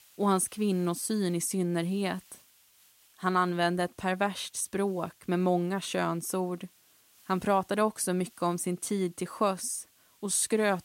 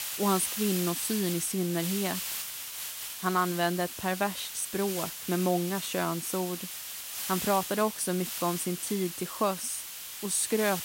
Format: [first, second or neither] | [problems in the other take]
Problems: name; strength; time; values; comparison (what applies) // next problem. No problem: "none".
first | hiss; loud; throughout; 5 dB below the speech; faint in the first